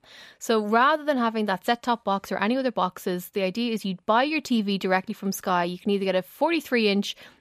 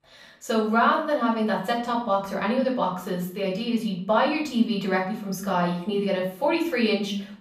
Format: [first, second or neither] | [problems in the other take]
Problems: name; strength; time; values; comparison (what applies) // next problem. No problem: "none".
first | off-mic speech; far // room echo; slight; dies away in 0.5 s